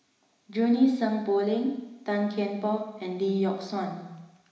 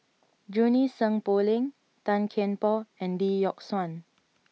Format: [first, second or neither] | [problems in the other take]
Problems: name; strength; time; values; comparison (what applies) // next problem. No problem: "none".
second | room echo; dies away in 1 s